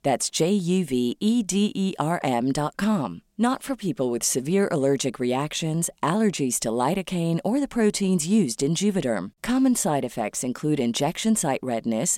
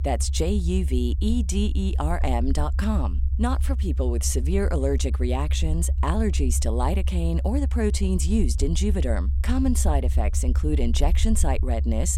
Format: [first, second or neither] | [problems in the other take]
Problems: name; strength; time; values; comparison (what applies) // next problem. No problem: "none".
first | low rumble; noticeable; throughout; 15 dB below the speech